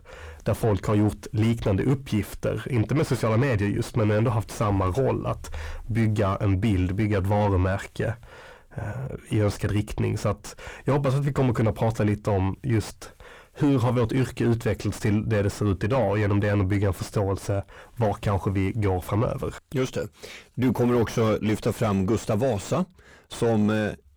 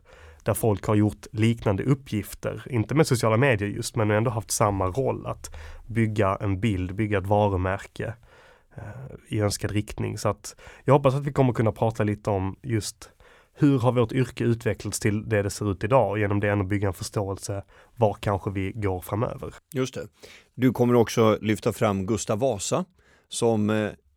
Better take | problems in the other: second | distortion; heavy; 5 dB below the speech

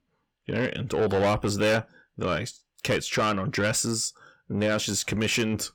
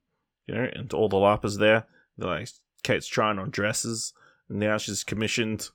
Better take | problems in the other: second | distortion; heavy; 8 dB below the speech

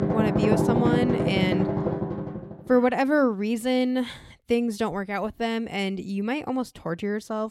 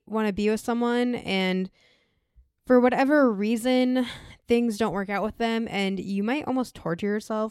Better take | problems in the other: second | background music; very loud; until 2 s; 1 dB above the speech

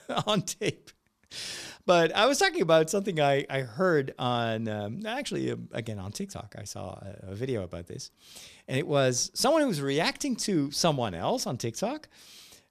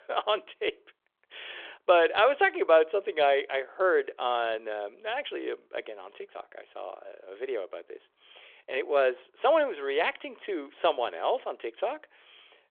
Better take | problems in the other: first | phone-call audio; nothing above 3.5 kHz

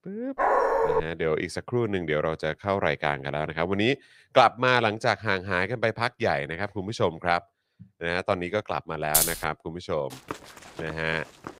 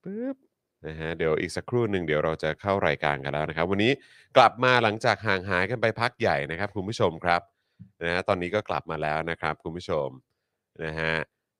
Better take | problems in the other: second | dog barking; loud; at 0.5 s; peak 4 dB above the speech // jangling keys; loud; at 9 s; peak 5 dB above the speech // footsteps; faint; from 10 s on; peak 15 dB below the speech

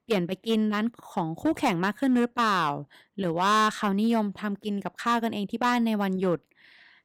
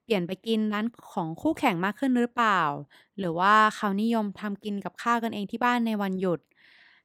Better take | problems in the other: second | distortion; slight; 5% of the sound clipped

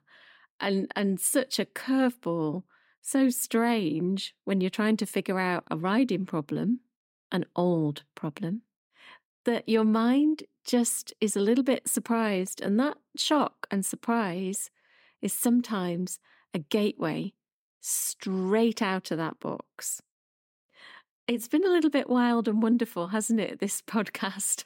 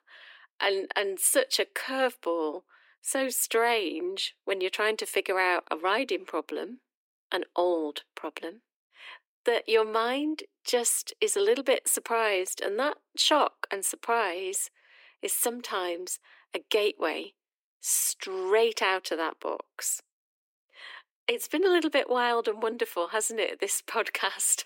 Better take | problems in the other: first | thin; very; fading below 350 Hz

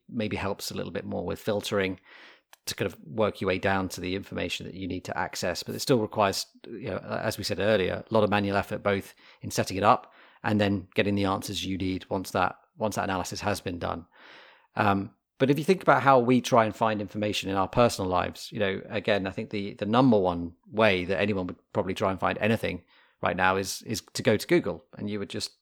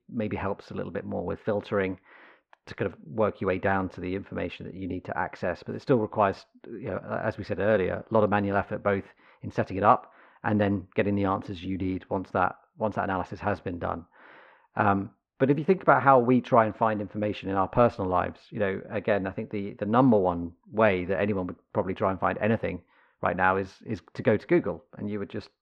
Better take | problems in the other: first | muffled; very; fading above 1.5 kHz

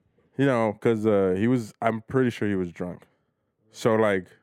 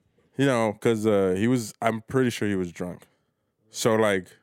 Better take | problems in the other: second | muffled; slightly; fading above 3 kHz

